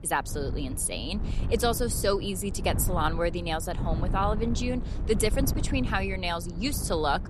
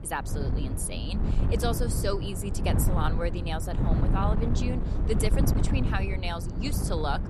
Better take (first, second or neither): first